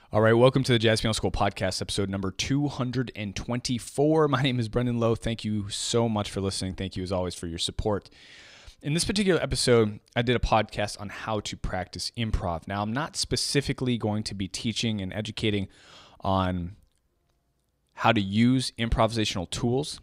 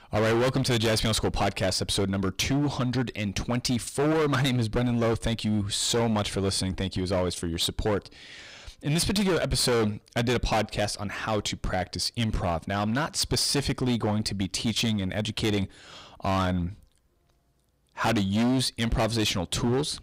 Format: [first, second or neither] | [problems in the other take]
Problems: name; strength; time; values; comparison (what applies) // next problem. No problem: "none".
first | distortion; heavy; 16% of the sound clipped